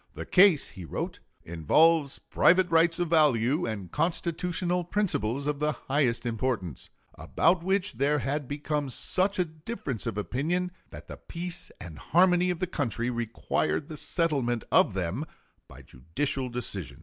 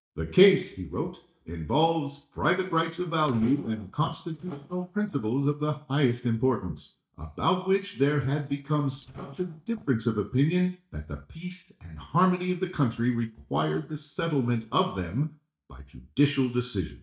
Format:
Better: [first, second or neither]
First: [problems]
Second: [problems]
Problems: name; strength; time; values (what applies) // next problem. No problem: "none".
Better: first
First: none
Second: noise reduction (neural mask model DeepFilterNet 3)